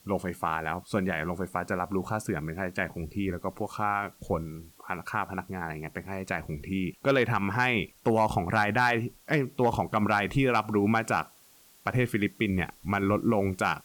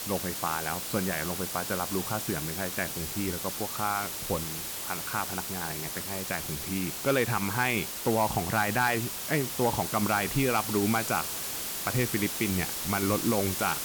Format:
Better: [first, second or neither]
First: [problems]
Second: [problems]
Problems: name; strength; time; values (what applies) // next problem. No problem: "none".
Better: first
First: hiss; faint; throughout; 25 dB below the speech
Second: hiss; loud; throughout; 2 dB below the speech